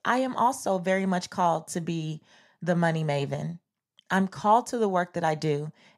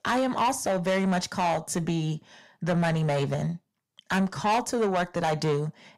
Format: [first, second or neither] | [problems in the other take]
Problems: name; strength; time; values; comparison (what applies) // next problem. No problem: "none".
first | distortion; heavy; 7 dB below the speech